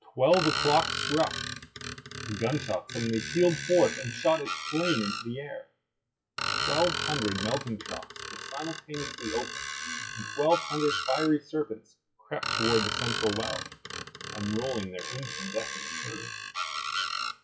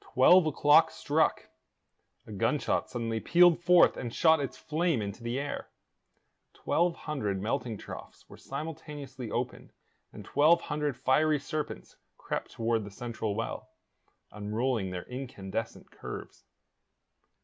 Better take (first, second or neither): second